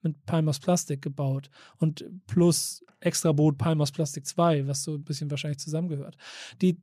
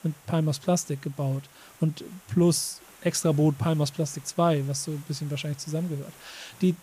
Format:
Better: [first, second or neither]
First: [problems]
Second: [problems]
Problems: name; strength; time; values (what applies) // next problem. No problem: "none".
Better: first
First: none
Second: hiss; faint; throughout; 25 dB below the speech